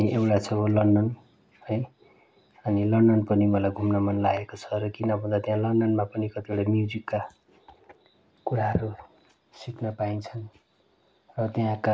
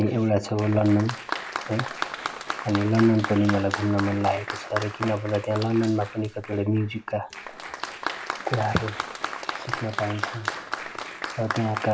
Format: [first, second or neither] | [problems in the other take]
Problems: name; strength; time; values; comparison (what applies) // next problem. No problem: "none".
first | background sound (Applause); 8 dB below the speech